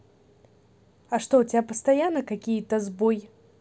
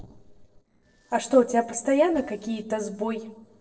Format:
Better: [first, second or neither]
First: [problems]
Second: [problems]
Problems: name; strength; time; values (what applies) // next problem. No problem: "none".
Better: first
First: none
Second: noise reduction (neural separator model SepFormer DNS4)